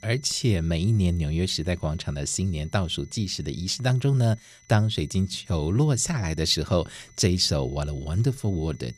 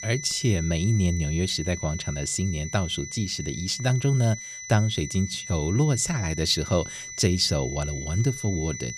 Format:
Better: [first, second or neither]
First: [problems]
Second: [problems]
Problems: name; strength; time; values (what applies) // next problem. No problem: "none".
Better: first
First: high-pitched whine; faint; throughout; 6 kHz, 30 dB below the speech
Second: high-pitched whine; loud; throughout; 6 kHz, 10 dB below the speech